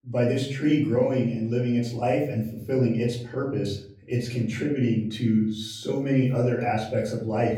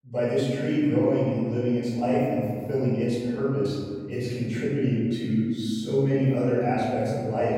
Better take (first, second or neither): first